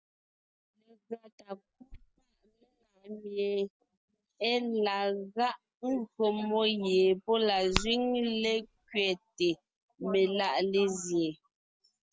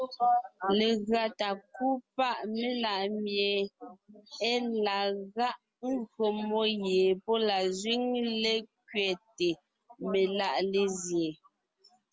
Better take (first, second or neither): second